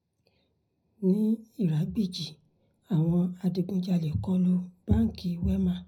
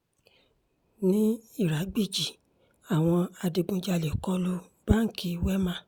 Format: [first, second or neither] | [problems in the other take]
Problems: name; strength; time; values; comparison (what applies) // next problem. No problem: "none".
second | room echo; dies away in 0.4 s